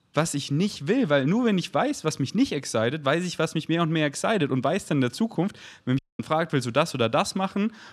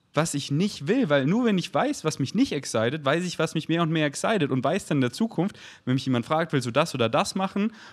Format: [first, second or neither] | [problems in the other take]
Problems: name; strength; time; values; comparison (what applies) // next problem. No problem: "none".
second | audio cutting out; at 6 s